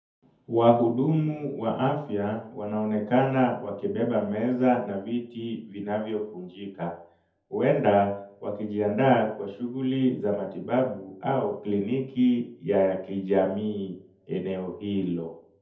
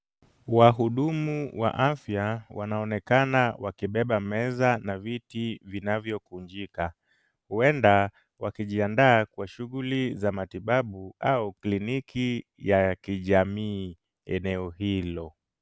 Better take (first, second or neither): second